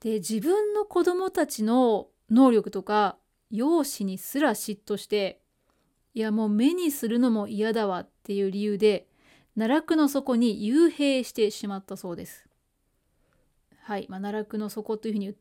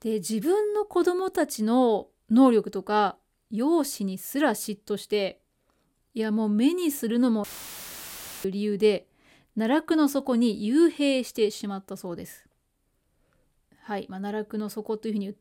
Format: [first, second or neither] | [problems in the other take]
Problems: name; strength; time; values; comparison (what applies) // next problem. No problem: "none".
first | audio cutting out; filled with static; at 7.5 s for 1 s